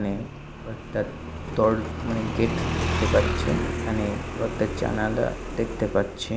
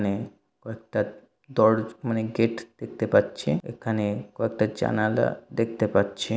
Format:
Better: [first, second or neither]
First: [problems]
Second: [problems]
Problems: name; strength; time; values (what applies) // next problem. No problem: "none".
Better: second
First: background sound (Motorcycle); 2 dB below the speech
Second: none